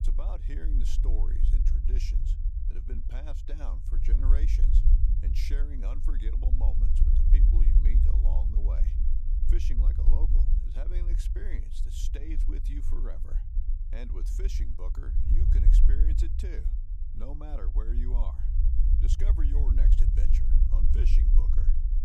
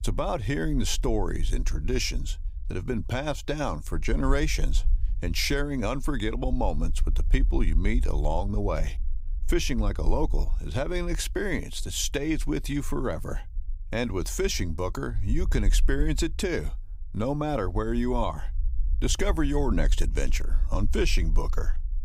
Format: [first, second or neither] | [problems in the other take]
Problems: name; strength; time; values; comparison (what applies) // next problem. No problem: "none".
second | low rumble; loud; throughout; 1 dB below the speech; faint in the second